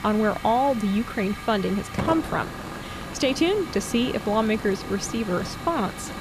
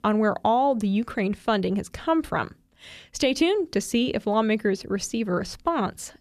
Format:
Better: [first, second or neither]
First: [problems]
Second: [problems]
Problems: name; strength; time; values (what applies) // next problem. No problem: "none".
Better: second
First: hiss; loud; throughout; 10 dB below the speech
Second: none